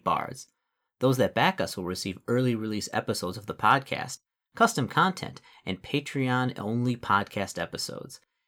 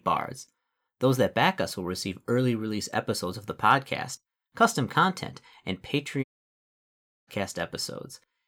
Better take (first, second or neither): first